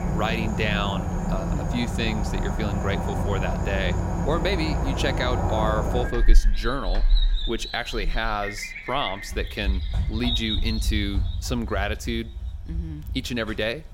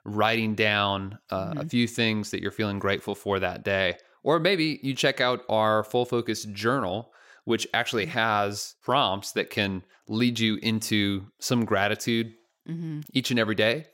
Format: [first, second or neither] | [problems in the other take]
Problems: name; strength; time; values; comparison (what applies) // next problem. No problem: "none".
second | animal sounds; very loud; throughout; 1 dB above the speech